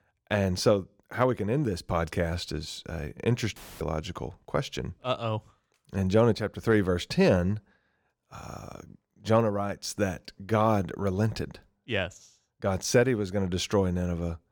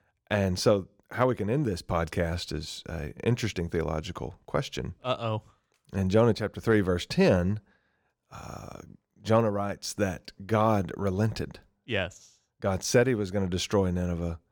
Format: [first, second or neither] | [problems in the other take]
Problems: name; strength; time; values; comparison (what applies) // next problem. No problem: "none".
second | audio cutting out; filled with static; at 3.5 s